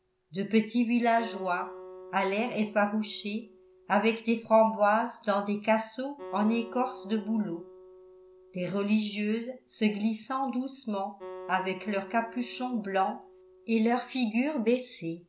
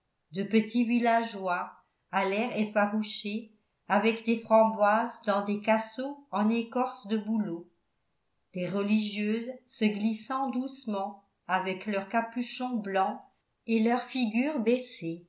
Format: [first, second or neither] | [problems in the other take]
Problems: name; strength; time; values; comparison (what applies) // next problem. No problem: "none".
second | background sound (Acoustic guitar); 19 dB below the speech